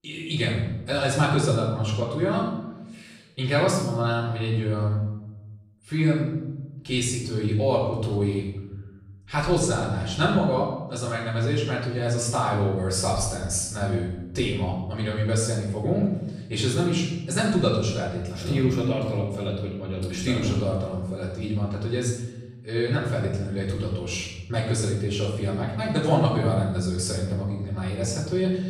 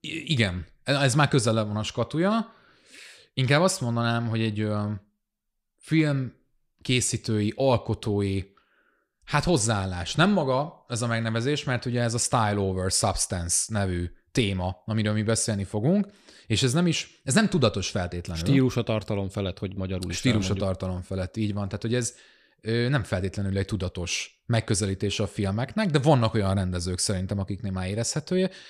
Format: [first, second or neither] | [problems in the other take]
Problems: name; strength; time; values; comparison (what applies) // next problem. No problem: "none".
second | room echo; noticeable; dies away in 0.9 s // off-mic speech; far